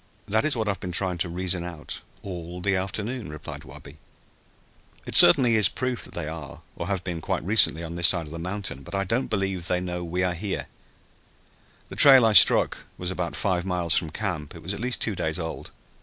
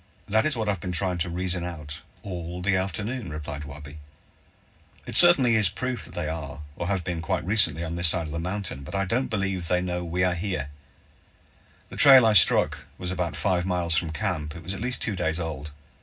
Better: first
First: none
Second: room echo; dies away in 0.4 s

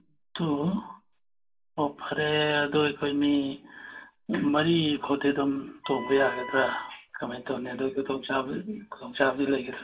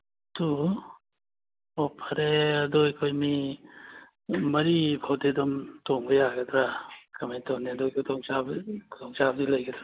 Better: second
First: background sound (Wind instrument, woodwind instrument); 12 dB below the speech // room echo; dies away in 0.2 s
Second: none

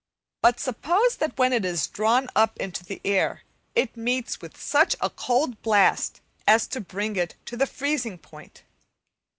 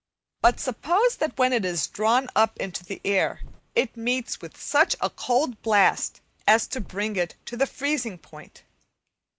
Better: first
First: none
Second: background sound (Bird); 18 dB below the speech

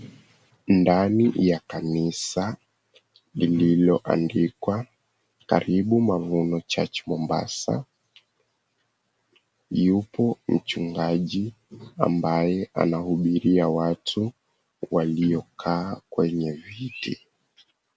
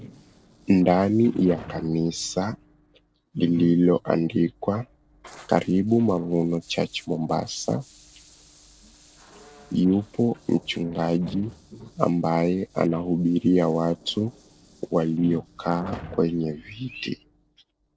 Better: first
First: none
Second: noise reduction (neural separator model SepFormer DNS4)

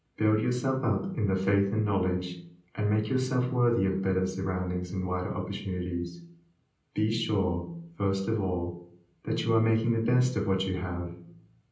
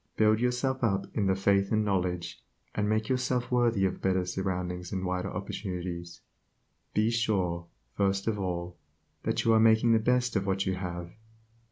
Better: second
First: room echo; dies away in 0.6 s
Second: none

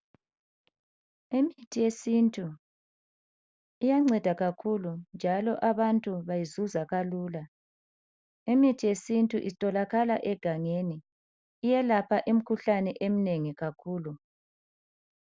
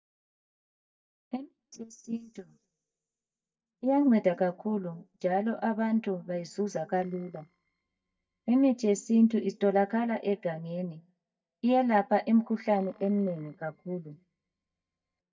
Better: first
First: none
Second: noise reduction (neural mask model DeepFilterNet 3)

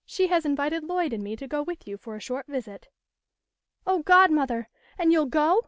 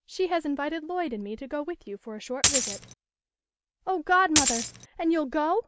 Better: first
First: none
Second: background sound (Coin (dropping)); 4 dB above the speech

